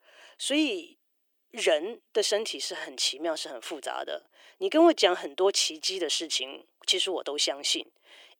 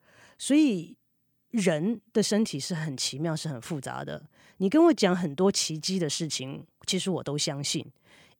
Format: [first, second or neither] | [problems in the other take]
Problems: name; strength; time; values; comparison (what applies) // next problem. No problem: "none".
second | thin; very; fading below 350 Hz